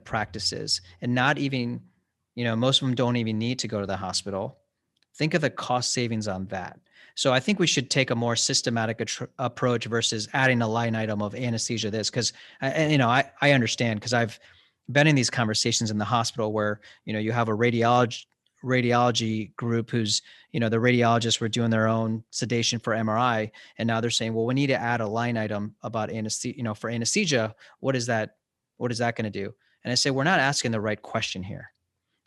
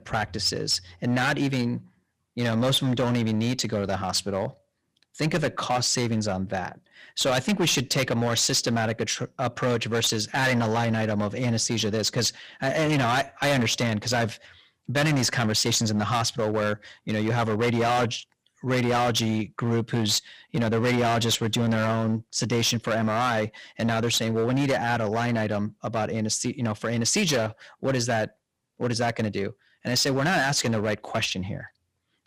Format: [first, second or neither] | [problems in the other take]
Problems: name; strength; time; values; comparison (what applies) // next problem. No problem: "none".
first | distortion; heavy; 12% of the sound clipped